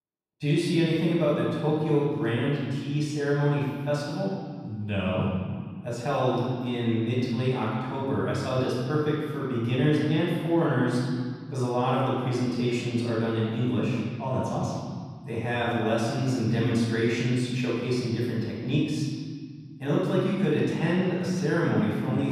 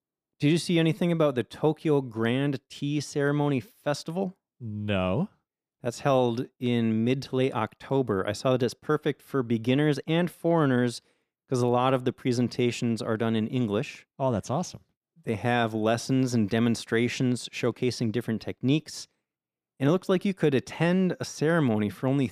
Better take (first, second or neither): second